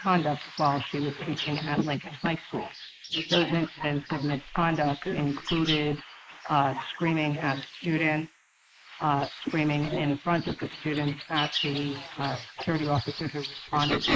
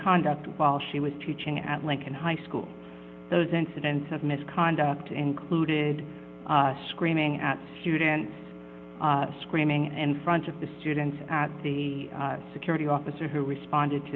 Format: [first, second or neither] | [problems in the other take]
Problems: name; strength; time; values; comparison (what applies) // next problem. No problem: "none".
second | noise reduction (neural mask model Resemble Enhance denoiser)